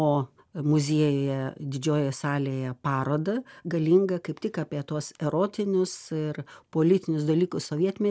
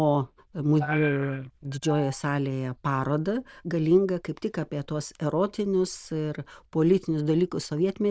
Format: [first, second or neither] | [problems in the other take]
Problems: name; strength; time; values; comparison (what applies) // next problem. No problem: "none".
first | noise reduction (neural diffusion model UNIVERSE++)